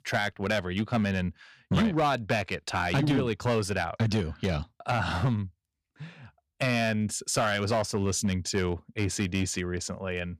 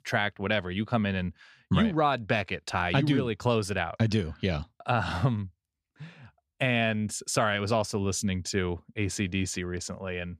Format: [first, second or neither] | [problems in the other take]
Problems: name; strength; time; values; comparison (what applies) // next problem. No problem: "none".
second | distortion; slight; 5% of the sound clipped